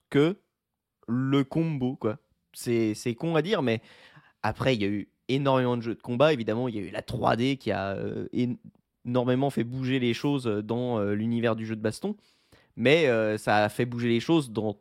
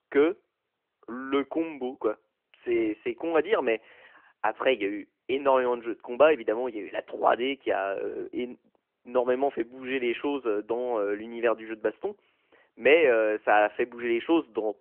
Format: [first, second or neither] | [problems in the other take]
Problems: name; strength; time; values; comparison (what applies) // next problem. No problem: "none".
first | phone-call audio; nothing above 3 kHz